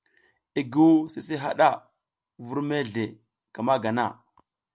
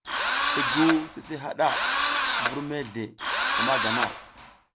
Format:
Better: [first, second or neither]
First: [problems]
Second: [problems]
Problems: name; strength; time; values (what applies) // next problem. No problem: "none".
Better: first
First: none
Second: background sound (Engine / Drill); 2 dB above the speech